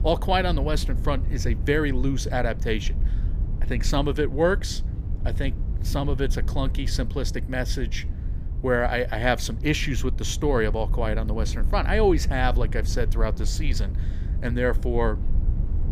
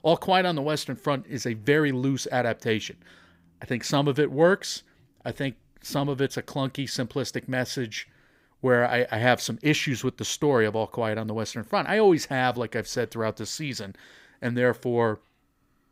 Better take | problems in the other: second | low rumble; noticeable; throughout; 15 dB below the speech

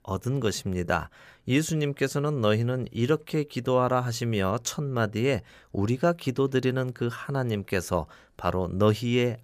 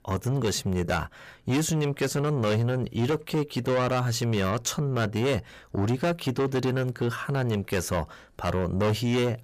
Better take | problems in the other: first | distortion; heavy; 8 dB below the speech

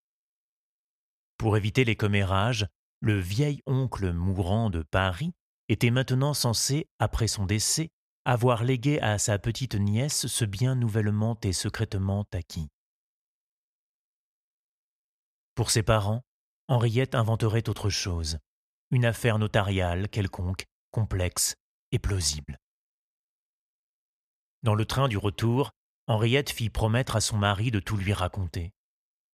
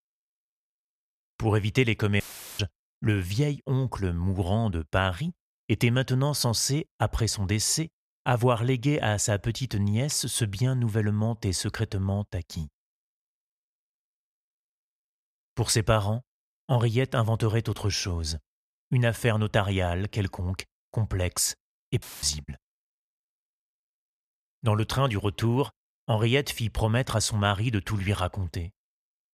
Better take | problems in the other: first | audio cutting out; filled with static; at 2 s and at 22 s

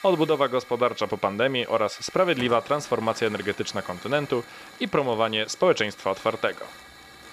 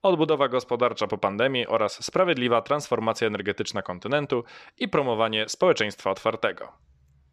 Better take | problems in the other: second | hiss; noticeable; throughout; 20 dB below the speech

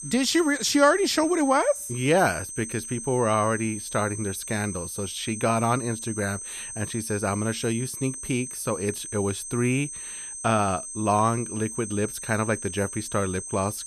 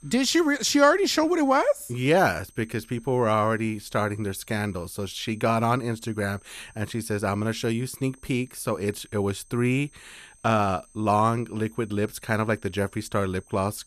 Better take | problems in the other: second | high-pitched whine; loud; throughout; 8.5 kHz, 8 dB below the speech; faint in the second

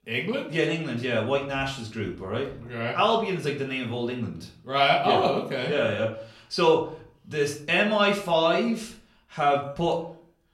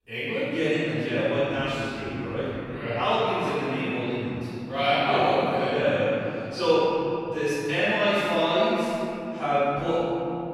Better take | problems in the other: first | room echo; strong; dies away in 3 s; slight in the first // off-mic speech; far; far in the first

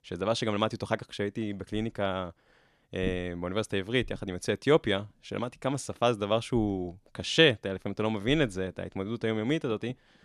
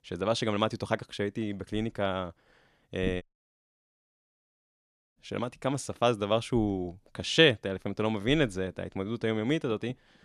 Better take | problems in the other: first | audio cutting out; at 3 s for 2 s

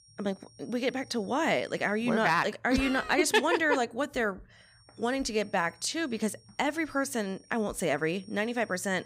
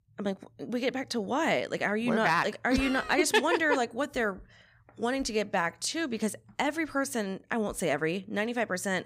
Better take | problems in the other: second | high-pitched whine; faint; until 2.5 s and from 4.5 s on; 5.5 kHz, 30 dB below the speech

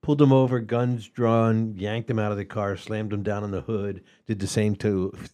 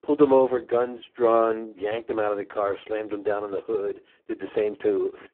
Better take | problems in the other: first | phone-call audio; poor line

